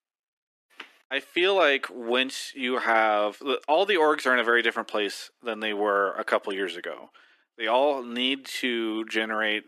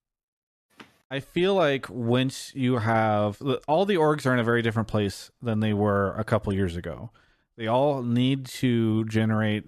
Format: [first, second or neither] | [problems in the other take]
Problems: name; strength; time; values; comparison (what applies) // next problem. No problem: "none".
second | thin; somewhat; fading below 300 Hz